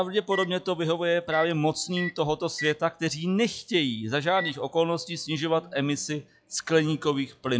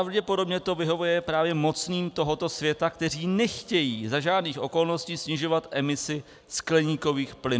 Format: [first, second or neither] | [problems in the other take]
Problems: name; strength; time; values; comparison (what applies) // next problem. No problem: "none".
second | noise reduction (classical method log-MMSE)